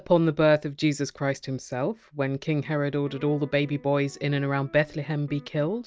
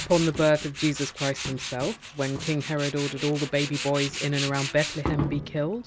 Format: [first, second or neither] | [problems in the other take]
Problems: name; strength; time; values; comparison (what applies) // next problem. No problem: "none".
first | background sound (Tools); 7 dB below the speech